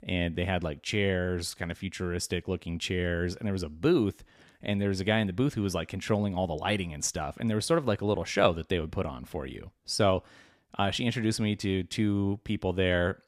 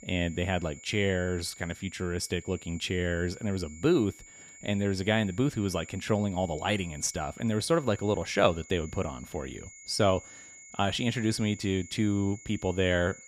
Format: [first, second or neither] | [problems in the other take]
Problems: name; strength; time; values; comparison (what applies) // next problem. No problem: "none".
first | high-pitched whine; noticeable; throughout; 7 kHz, 20 dB below the speech